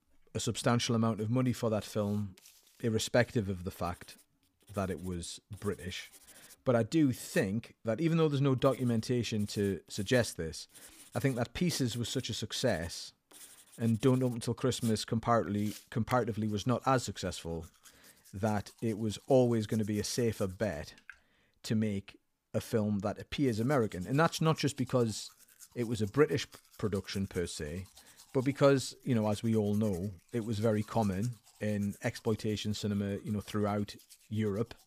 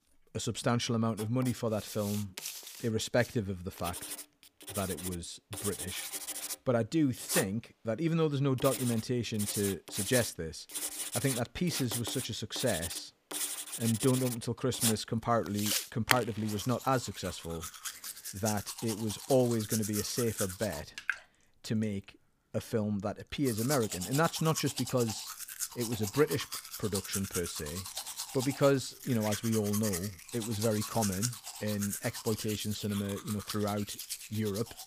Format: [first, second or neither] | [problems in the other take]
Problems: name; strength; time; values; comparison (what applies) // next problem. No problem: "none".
first | household noises; loud; throughout; 4 dB below the speech; faint in the first